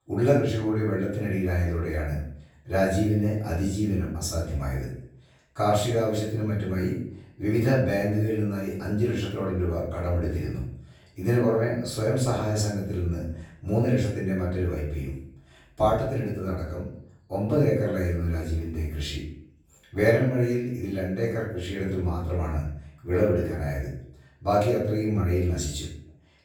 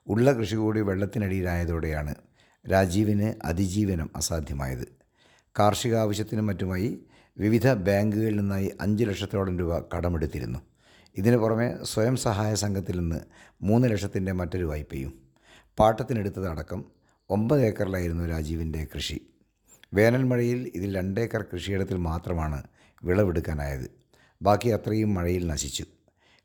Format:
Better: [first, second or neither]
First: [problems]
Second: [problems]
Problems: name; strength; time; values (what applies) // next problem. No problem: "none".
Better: second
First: off-mic speech; far // room echo; noticeable; dies away in 0.6 s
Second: none